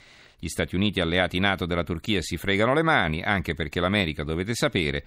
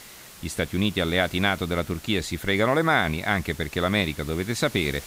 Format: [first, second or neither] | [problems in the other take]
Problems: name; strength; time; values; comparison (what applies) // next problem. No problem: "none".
first | hiss; noticeable; throughout; 20 dB below the speech